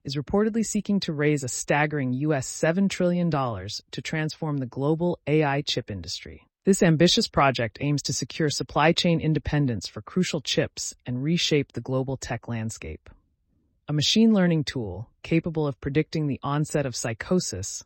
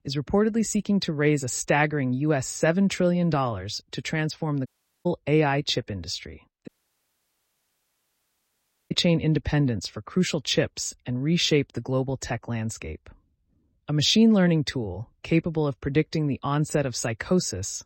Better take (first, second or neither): first